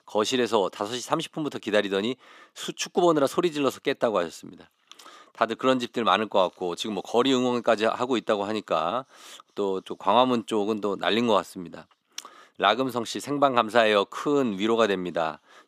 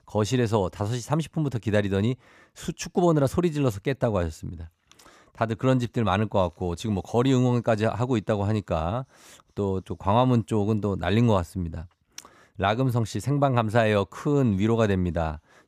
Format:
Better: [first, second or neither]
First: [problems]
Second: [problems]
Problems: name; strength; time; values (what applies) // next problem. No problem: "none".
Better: second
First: thin; somewhat; fading below 250 Hz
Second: none